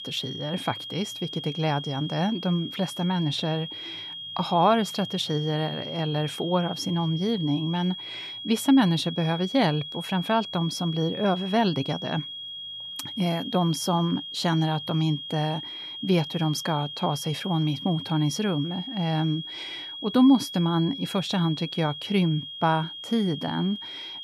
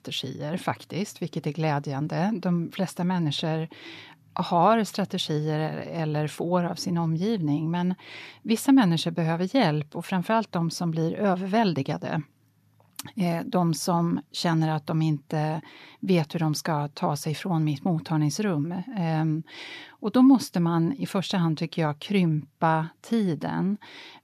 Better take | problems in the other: second | high-pitched whine; loud; throughout; 3.5 kHz, 9 dB below the speech

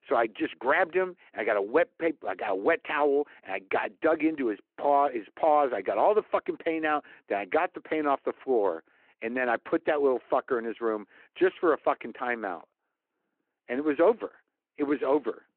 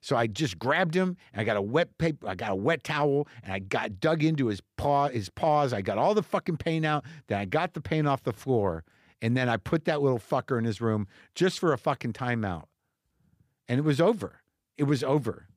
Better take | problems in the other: second | phone-call audio

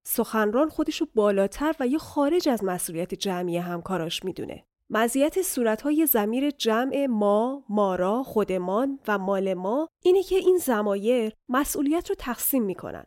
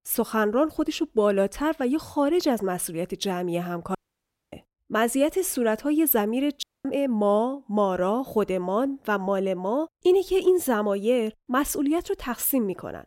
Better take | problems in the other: first | audio cutting out; at 4 s for 0.5 s and at 6.5 s

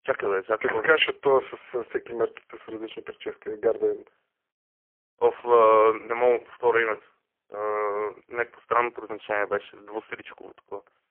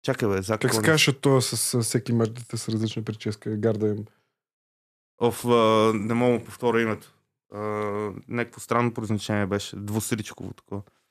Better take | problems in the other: second | phone-call audio; poor line; nothing above 3 kHz

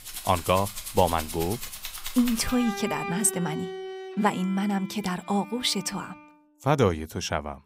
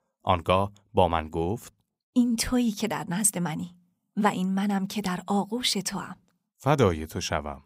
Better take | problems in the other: second | background music; loud; throughout; 10 dB below the speech

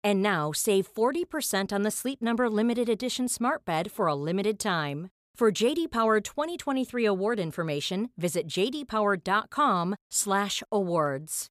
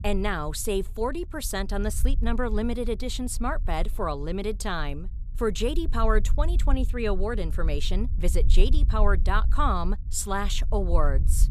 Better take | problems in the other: first | low rumble; faint; throughout; 20 dB below the speech

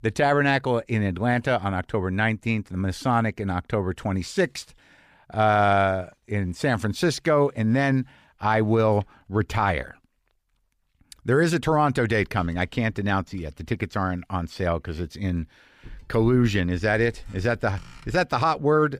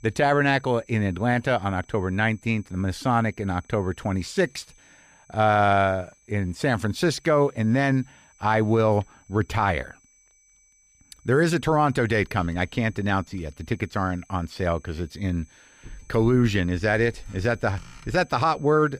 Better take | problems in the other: first | high-pitched whine; faint; throughout; 6 kHz, 30 dB below the speech

